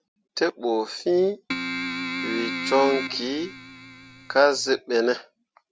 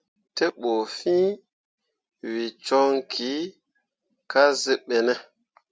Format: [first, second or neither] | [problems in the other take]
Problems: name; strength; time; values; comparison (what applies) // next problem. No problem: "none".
second | background sound (Keyboard (musical)); 7 dB below the speech